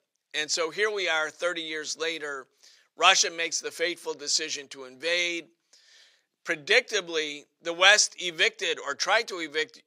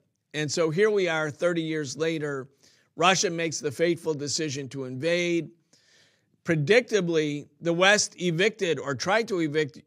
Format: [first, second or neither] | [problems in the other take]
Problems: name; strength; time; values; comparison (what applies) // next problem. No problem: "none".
second | thin; very; fading below 650 Hz